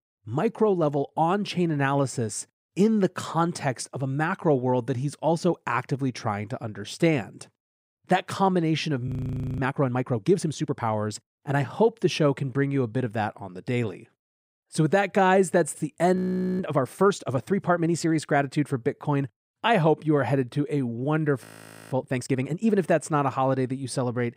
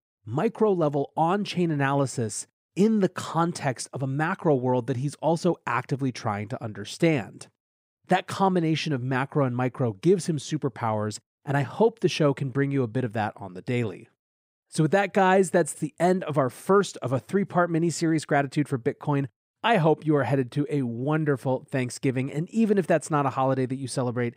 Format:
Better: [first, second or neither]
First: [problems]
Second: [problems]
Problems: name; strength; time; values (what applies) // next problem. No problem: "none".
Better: second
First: audio freezing; at 9 s for 0.5 s, at 16 s and at 21 s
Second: none